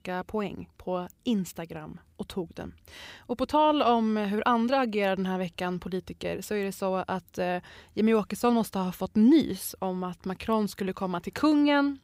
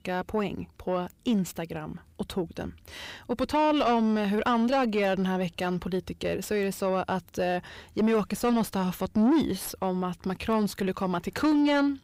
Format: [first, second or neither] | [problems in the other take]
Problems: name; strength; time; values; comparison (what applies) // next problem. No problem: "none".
first | distortion; slight; 9 dB below the speech